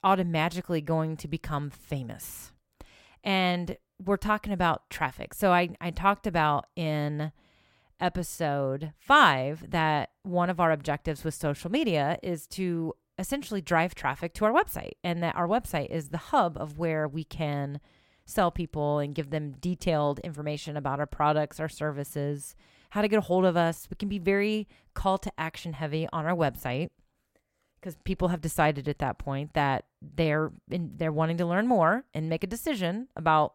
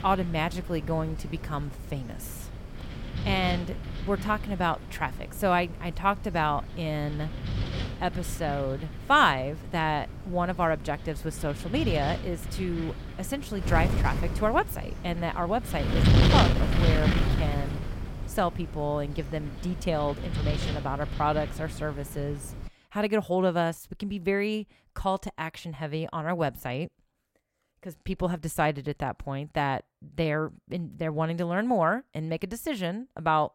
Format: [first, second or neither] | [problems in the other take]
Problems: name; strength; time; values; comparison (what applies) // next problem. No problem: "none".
first | wind noise on the microphone; heavy; until 23 s; 7 dB below the speech